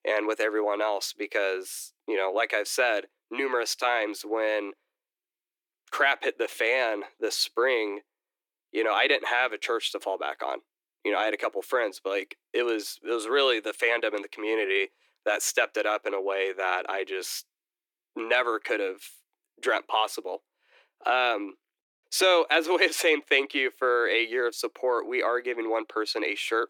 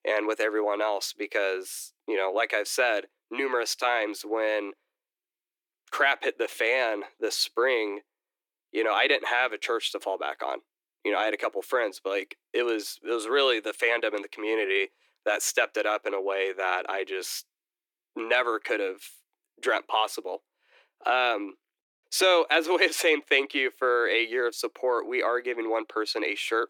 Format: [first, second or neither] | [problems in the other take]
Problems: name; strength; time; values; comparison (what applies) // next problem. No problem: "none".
neither | thin; very; fading below 300 Hz; the same in both